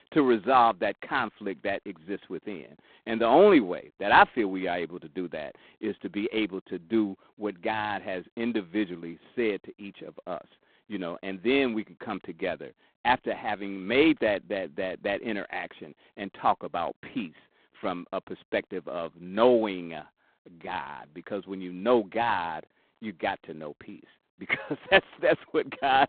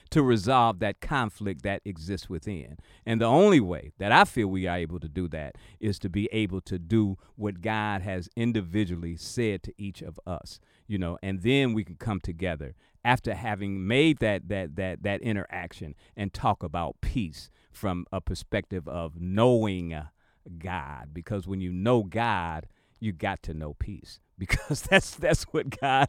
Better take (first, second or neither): second